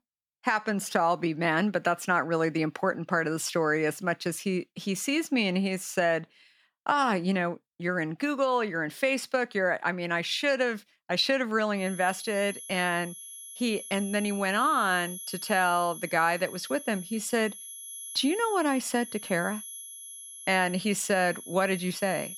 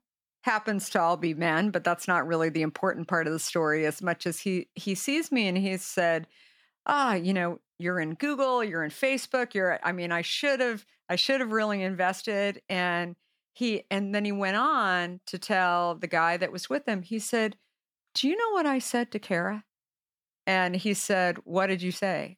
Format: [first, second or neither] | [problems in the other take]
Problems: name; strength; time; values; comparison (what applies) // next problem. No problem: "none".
second | high-pitched whine; noticeable; from 12 s on; 11 kHz, 10 dB below the speech